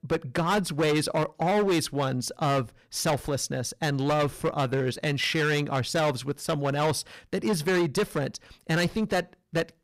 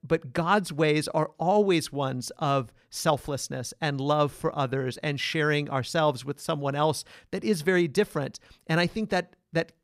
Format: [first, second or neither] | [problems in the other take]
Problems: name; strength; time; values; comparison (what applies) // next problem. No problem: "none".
second | distortion; heavy; 13% of the sound clipped